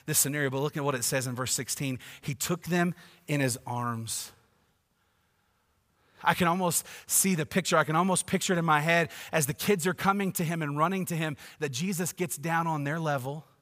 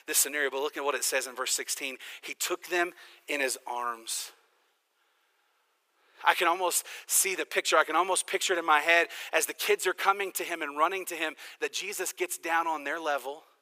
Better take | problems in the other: first | thin; very; fading below 350 Hz

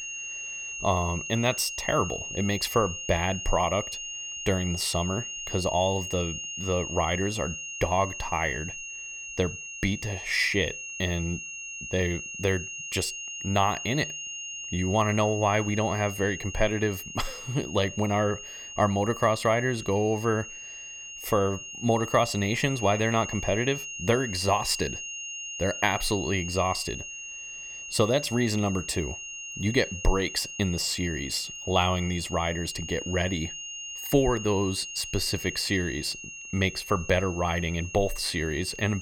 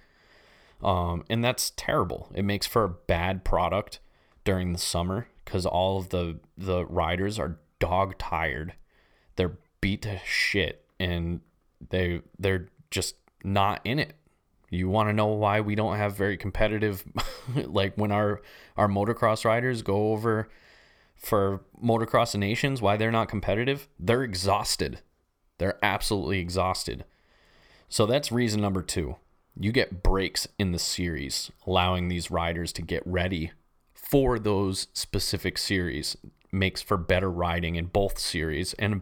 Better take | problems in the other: second | high-pitched whine; loud; throughout; 3 kHz, 8 dB below the speech

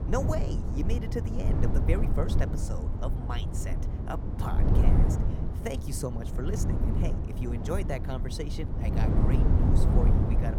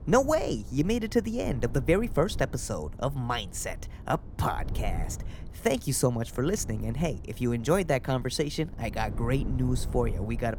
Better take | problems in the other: second | low rumble; loud; throughout; 1 dB below the speech; faint in the second

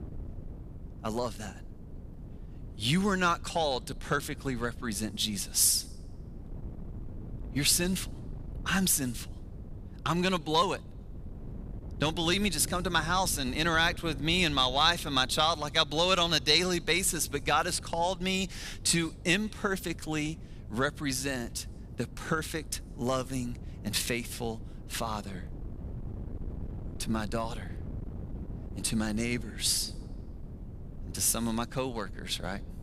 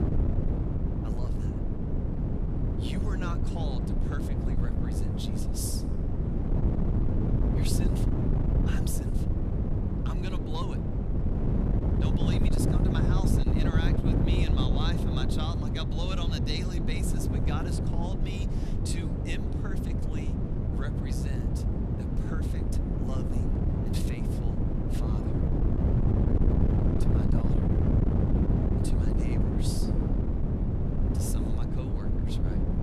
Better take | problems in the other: first | wind noise on the microphone; heavy; 3 dB above the speech; occasional gusts in the first

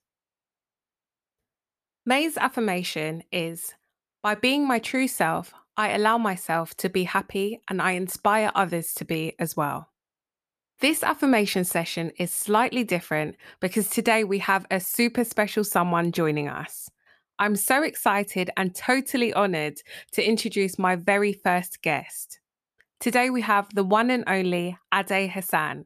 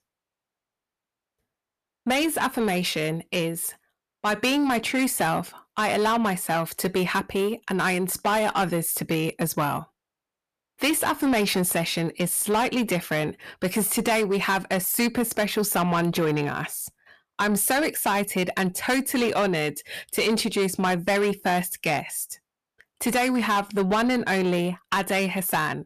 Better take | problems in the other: first | distortion; heavy; 8 dB below the speech

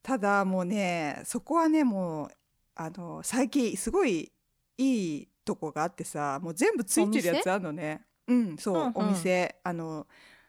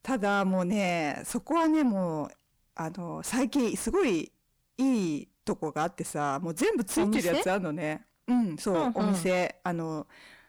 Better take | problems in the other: first | distortion; slight; 10 dB below the speech

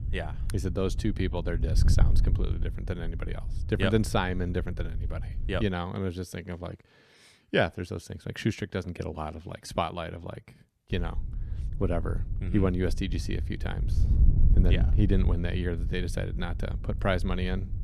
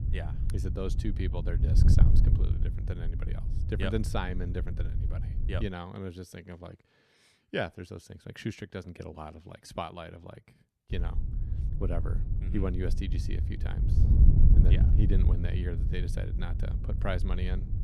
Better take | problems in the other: first | wind noise on the microphone; heavy; until 5.5 s and from 11 s on; 5 dB below the speech; occasional gusts in the first

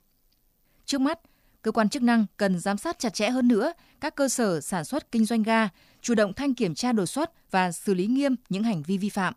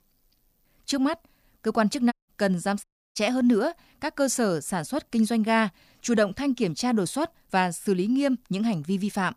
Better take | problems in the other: first | audio cutting out; at 2 s and at 3 s

